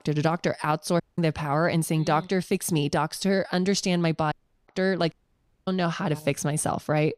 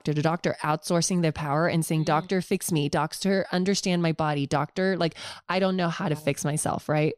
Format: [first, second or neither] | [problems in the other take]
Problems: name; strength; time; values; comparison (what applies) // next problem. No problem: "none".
second | audio cutting out; at 1 s, at 4.5 s and at 5 s for 0.5 s